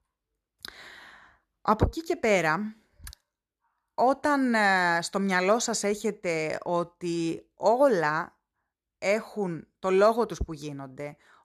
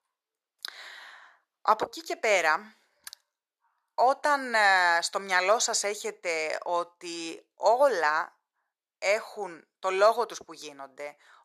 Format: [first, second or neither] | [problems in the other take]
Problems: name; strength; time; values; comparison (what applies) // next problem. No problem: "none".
first | thin; very; fading below 650 Hz